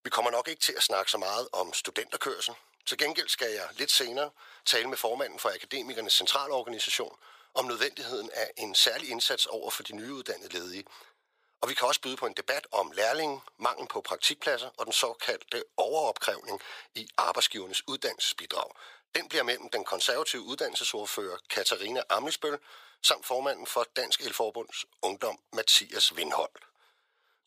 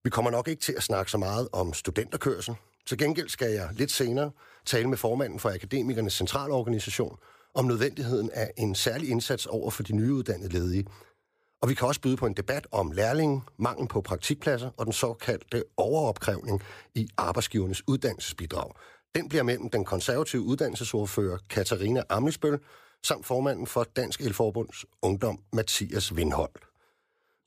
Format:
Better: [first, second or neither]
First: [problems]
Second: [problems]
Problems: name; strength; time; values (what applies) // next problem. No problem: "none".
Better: second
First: thin; very; fading below 700 Hz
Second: none